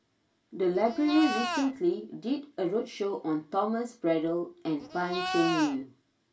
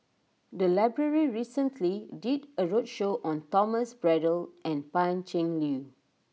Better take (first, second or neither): second